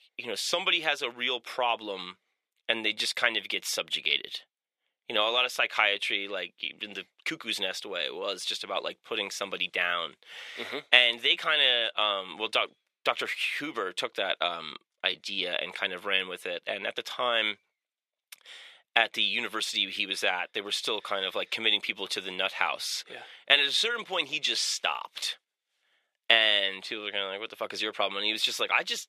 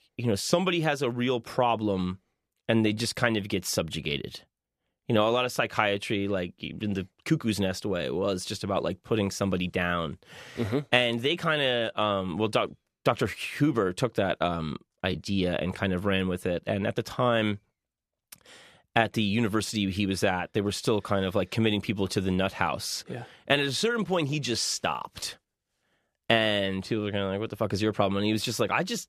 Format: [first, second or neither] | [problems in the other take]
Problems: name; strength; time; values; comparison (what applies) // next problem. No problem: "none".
second | thin; very; fading below 550 Hz